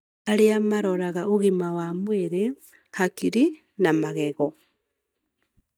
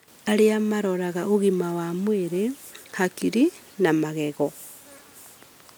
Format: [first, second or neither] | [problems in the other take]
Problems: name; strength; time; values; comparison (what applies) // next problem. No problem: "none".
second | noise reduction (neural mask model DeepFilterNet 3)